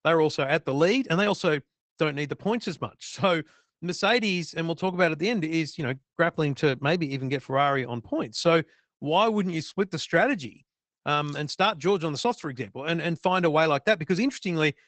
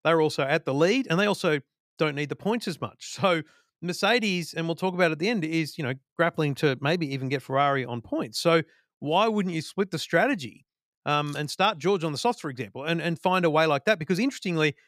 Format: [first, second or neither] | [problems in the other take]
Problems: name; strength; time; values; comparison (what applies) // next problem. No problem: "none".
second | garbled, watery; badly; nothing above 8 kHz